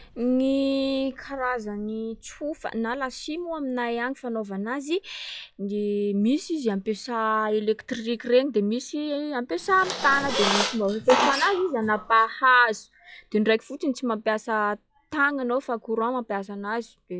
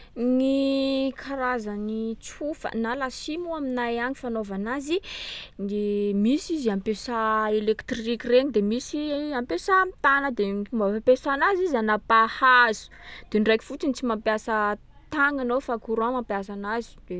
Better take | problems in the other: second | noise reduction (classical method log-MMSE)

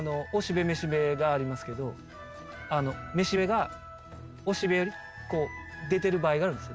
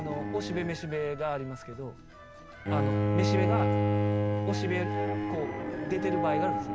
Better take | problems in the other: first | background sound (Bowed string instrument); 5 dB above the speech

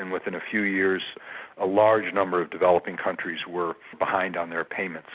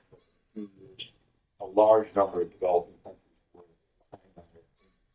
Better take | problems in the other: first | noise reduction (neural mask model DeepFilterNet 3)

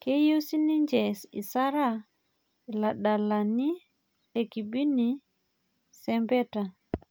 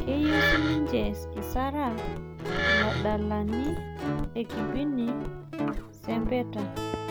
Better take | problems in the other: first | background sound (Guitar + Wood); 1 dB above the speech

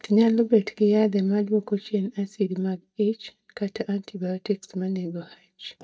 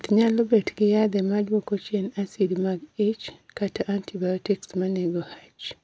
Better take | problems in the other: second | noise reduction (neural mask model DeepFilterNet 3)

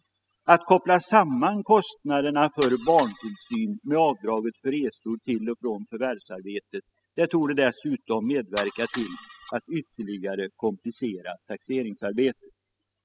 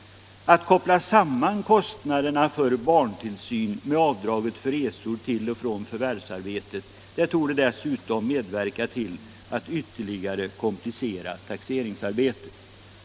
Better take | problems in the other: second | noise reduction (classical method spectral subtraction)

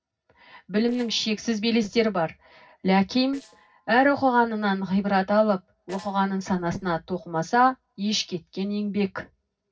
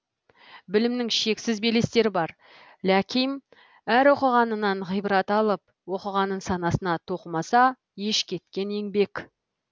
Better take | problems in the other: second | noise reduction (neural separator model SepFormer DNS4)

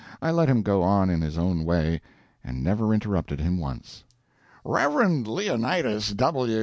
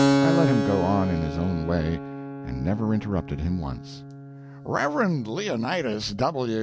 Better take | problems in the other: first | background sound (Keyboard (musical)); 2 dB below the speech

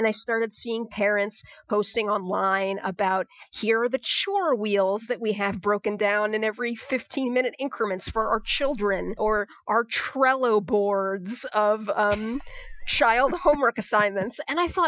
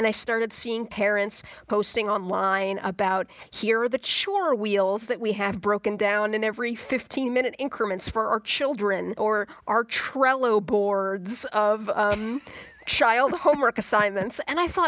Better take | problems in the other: second | noise reduction (classical method Wiener filter)

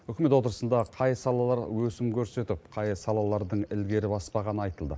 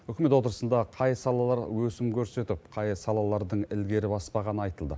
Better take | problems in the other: second | noise reduction (neural mask model Resemble Enhance denoiser)

